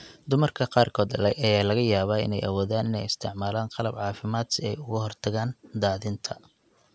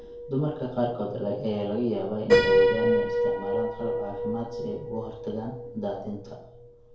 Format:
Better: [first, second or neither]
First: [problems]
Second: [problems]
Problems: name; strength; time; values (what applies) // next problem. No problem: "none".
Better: first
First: none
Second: background sound (Piano); 3 dB above the speech // room echo; dies away in 2.2 s